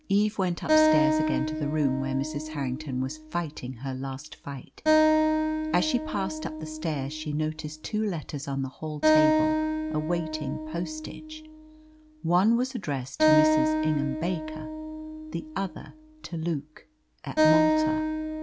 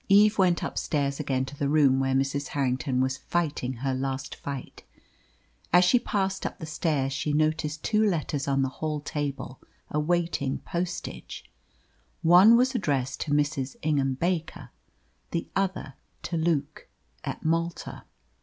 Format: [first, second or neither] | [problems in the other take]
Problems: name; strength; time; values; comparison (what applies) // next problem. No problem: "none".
second | background sound (Acoustic guitar); 2 dB above the speech